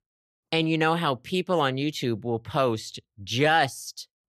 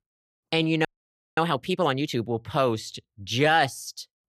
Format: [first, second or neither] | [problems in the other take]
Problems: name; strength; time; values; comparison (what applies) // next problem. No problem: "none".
first | audio freezing; at 1 s for 0.5 s